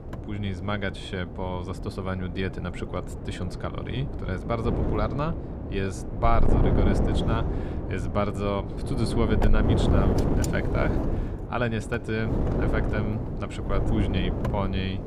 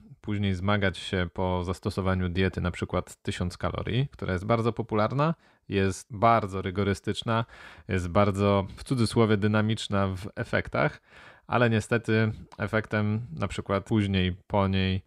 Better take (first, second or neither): second